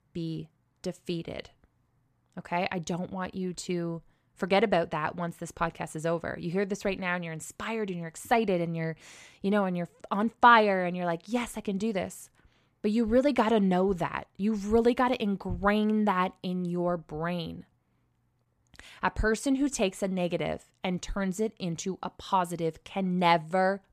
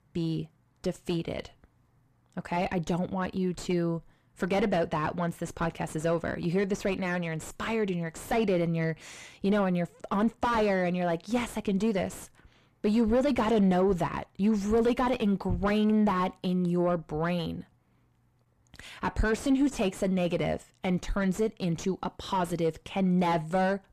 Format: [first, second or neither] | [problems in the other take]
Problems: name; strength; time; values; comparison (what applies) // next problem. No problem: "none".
first | distortion; heavy; 5 dB below the speech